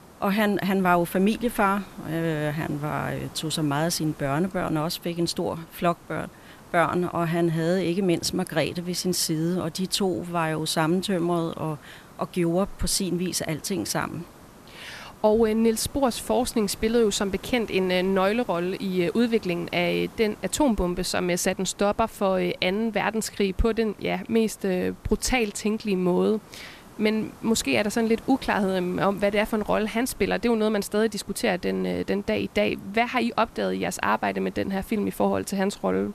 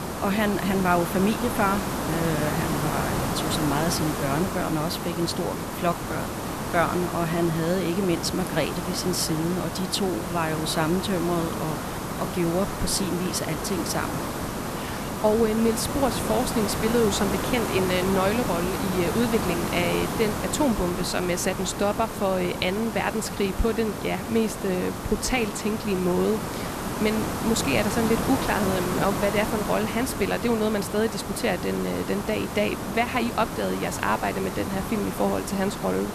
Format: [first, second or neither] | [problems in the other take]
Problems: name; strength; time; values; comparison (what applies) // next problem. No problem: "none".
first | hiss; loud; throughout; 4 dB below the speech; faint in the first